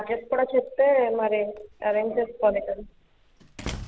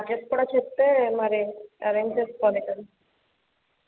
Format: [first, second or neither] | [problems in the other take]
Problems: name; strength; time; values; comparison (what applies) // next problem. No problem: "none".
second | background sound (Slam); 18 dB below the speech